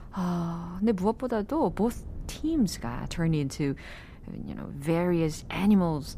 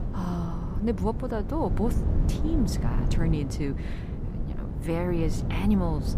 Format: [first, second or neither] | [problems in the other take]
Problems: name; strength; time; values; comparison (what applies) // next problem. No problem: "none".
first | wind noise on the microphone; heavy; 7 dB below the speech; occasional gusts in the first